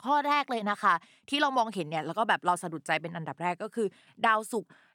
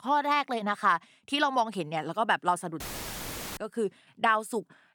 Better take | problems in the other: first | audio cutting out; filled with static; at 3 s for 1 s

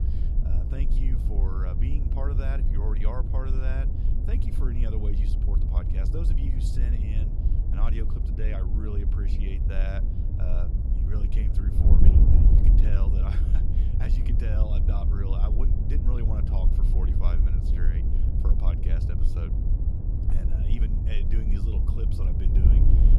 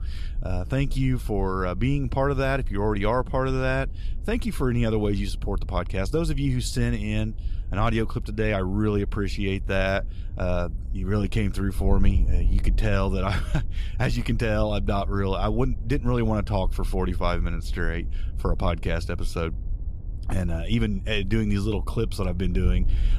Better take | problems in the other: second | wind noise on the microphone; heavy; as loud as the speech; occasional gusts in the second

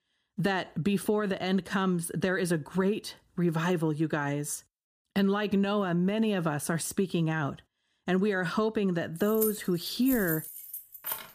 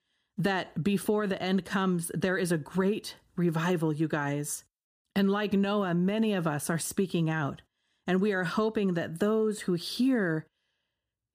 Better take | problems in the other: second | jangling keys; noticeable; from 9 s on; peak 4 dB below the speech

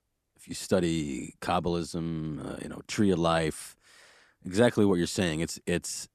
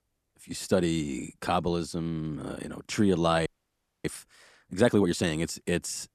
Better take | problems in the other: first | audio freezing; at 3.5 s for 0.5 s

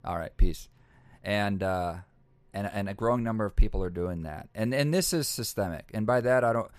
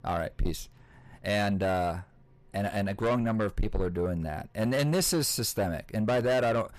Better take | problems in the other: first | distortion; heavy; 6 dB below the speech

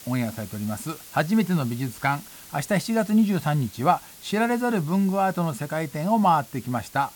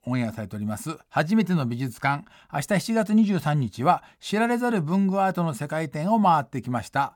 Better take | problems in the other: second | hiss; noticeable; throughout; 20 dB below the speech

